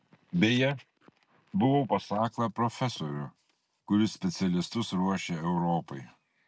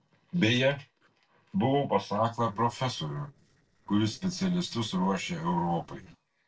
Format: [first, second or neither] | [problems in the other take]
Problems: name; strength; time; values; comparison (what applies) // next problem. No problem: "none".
first | noise reduction (neural separator model SepFormer DNS4)